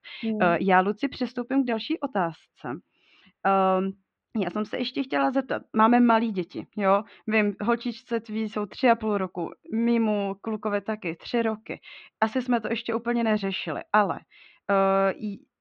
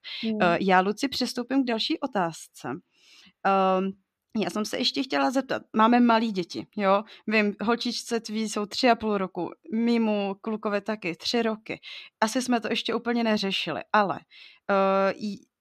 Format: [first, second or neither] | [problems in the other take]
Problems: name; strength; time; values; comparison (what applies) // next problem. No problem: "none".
second | muffled; slightly; fading above 2.5 kHz